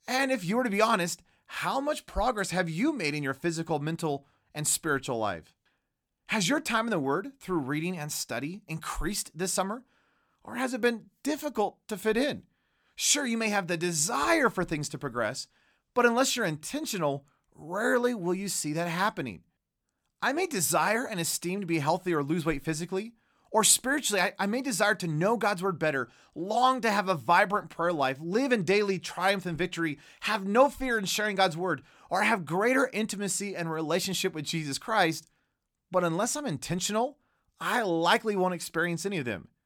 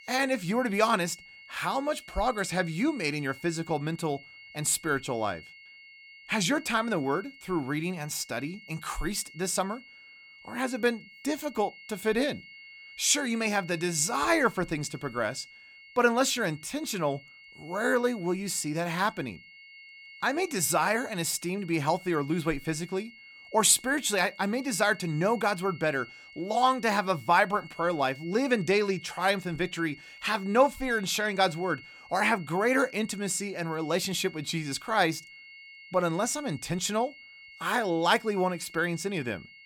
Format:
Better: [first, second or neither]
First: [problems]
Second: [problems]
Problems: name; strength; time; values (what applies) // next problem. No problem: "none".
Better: first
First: none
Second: high-pitched whine; noticeable; throughout; 2 kHz, 20 dB below the speech